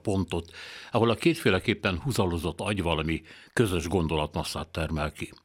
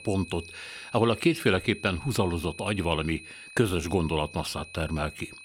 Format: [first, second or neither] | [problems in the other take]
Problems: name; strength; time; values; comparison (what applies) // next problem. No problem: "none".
first | high-pitched whine; noticeable; throughout; 2.5 kHz, 15 dB below the speech